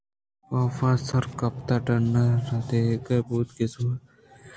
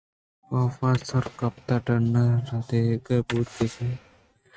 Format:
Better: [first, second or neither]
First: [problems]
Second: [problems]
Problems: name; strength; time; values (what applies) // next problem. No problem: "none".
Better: first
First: none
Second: noise reduction (neural mask model RNNoise)